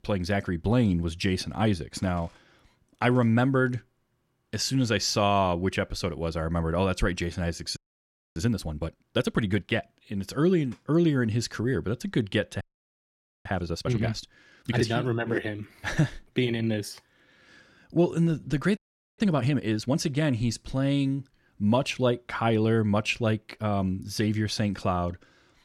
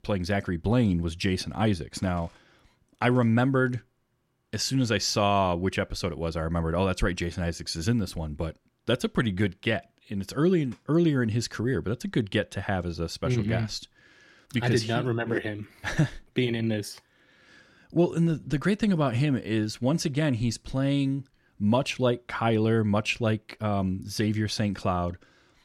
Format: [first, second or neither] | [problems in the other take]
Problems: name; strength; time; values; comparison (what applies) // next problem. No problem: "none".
second | audio freezing; at 8 s for 0.5 s, at 13 s for 1 s and at 19 s